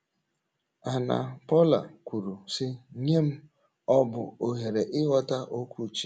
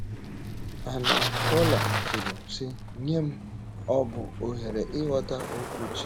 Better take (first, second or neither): first